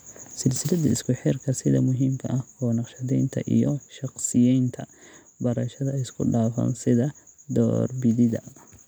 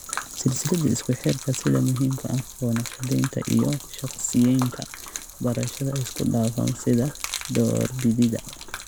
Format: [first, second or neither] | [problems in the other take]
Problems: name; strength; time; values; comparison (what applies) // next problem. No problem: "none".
first | background sound (Gurgling / Liquid); 12 dB below the speech